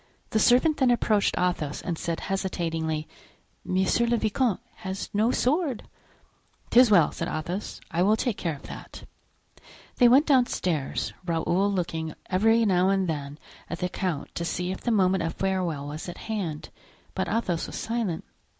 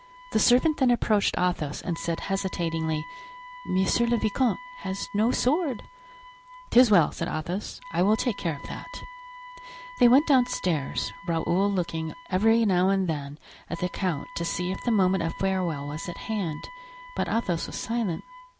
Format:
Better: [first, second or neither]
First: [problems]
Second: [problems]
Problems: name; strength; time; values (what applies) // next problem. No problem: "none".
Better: first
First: none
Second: background sound (Wind instrument, woodwind instrument); 18 dB below the speech